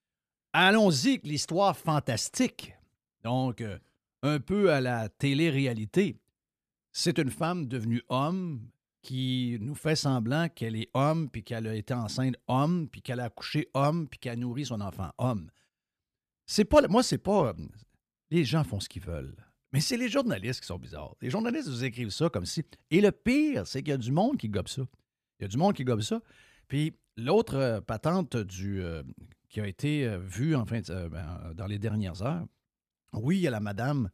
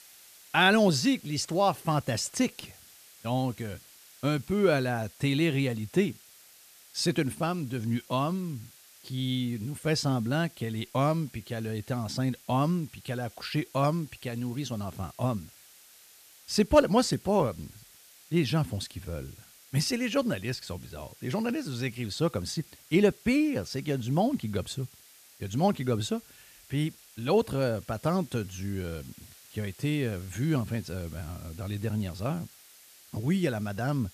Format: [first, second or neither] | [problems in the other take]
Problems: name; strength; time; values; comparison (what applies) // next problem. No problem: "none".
first | hiss; faint; throughout; 20 dB below the speech